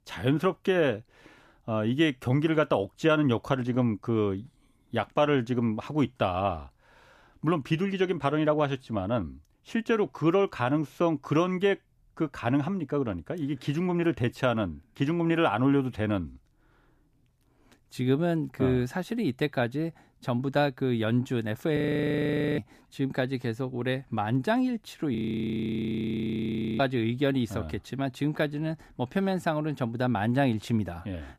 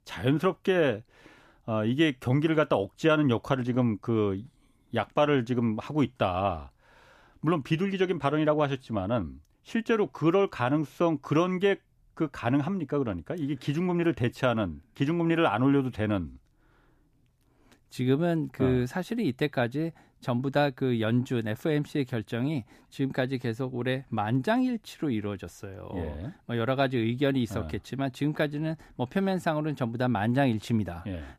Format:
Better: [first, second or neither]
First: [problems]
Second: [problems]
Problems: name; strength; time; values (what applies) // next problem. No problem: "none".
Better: second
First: audio freezing; at 22 s for 1 s and at 25 s for 1.5 s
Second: none